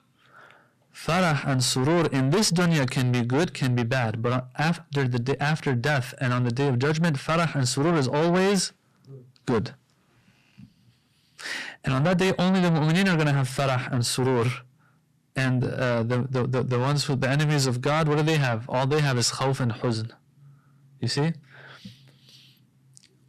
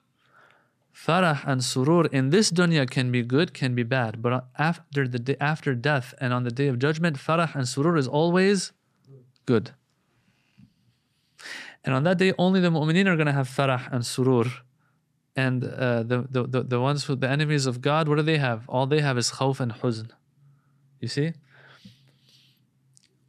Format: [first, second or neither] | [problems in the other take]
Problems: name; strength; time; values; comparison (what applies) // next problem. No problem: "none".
second | distortion; heavy; 6 dB below the speech